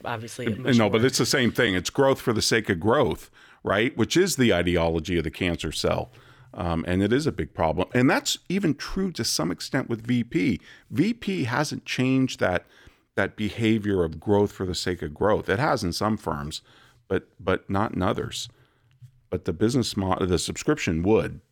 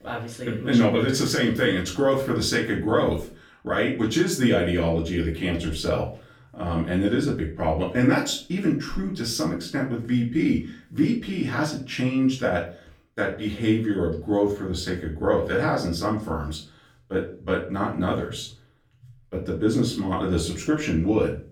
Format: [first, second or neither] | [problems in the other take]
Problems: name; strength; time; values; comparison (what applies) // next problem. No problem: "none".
first | off-mic speech; far // room echo; slight; dies away in 0.3 s